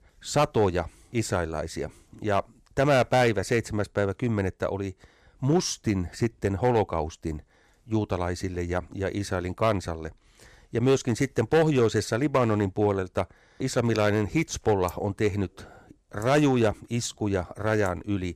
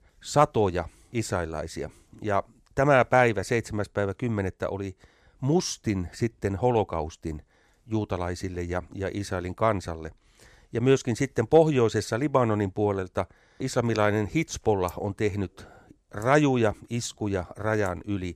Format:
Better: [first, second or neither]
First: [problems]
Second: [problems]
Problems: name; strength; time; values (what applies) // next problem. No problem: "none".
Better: second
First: distortion; slight; 3% of the sound clipped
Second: none